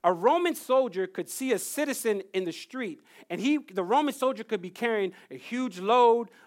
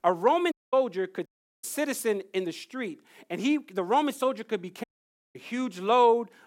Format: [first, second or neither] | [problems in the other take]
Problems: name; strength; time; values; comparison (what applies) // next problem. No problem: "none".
first | audio cutting out; at 0.5 s, at 1.5 s and at 5 s for 0.5 s